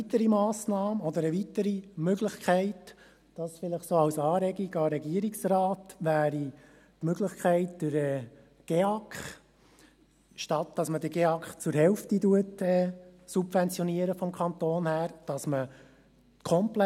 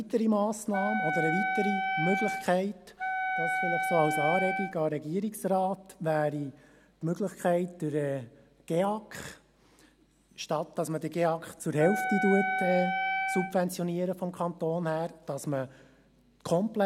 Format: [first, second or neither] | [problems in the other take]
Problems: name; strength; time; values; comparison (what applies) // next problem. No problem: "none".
first | background sound (Wind instrument, woodwind instrument); 1 dB below the speech